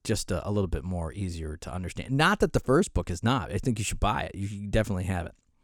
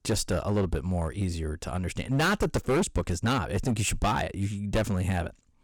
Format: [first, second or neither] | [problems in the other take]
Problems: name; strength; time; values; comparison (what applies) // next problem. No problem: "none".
first | distortion; heavy; 10% of the sound clipped